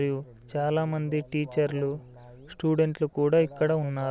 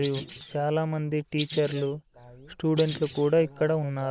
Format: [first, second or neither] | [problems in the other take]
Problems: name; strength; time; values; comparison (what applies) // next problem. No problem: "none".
first | noise reduction (neural mask model Resemble Enhance denoiser)